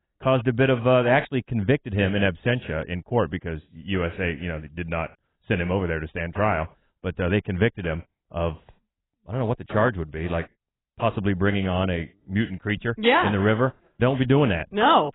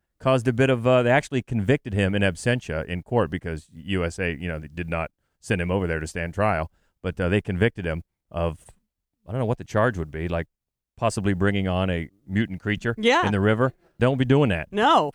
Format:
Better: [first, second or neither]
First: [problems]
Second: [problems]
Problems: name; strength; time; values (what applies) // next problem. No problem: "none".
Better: second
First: garbled, watery; badly; nothing above 3.5 kHz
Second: none